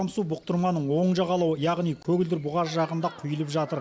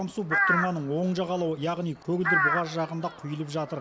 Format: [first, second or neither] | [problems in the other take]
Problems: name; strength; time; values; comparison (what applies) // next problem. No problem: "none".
first | background sound (Crow); 1 dB below the speech